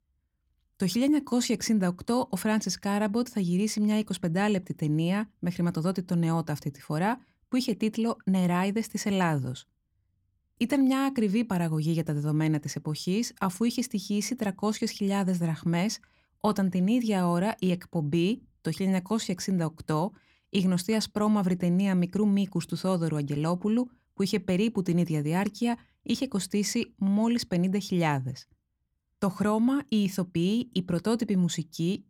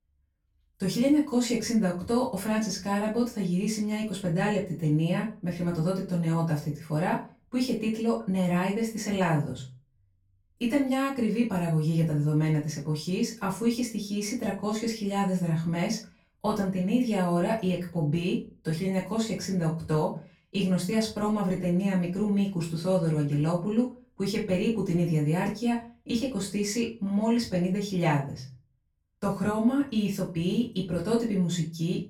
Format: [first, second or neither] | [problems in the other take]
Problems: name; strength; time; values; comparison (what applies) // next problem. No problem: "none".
first | off-mic speech; far // room echo; slight; dies away in 0.3 s